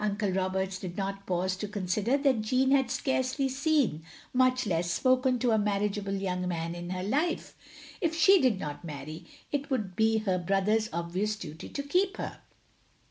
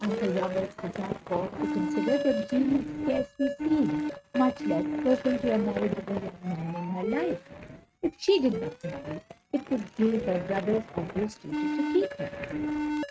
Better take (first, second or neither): first